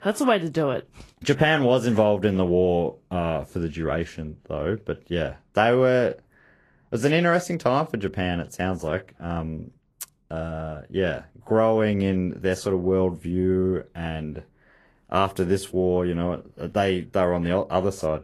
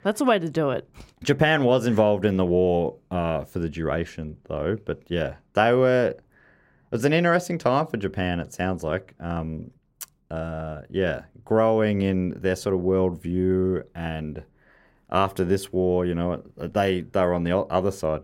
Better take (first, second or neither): second